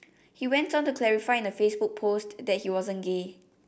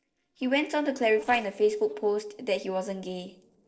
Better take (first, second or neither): first